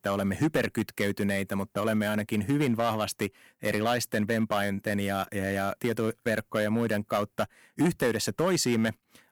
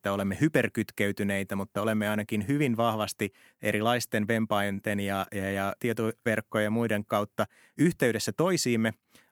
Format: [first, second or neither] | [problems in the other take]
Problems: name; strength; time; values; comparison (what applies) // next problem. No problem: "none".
second | distortion; slight; 4% of the sound clipped